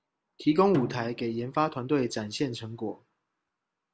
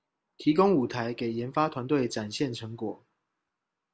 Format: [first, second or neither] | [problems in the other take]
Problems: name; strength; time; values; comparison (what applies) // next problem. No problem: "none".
second | background sound (Snare drum); 15 dB below the speech